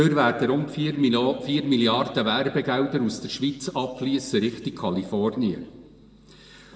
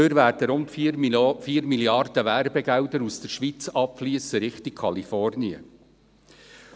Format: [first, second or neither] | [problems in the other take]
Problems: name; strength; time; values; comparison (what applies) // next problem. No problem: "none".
second | room echo; dies away in 1.1 s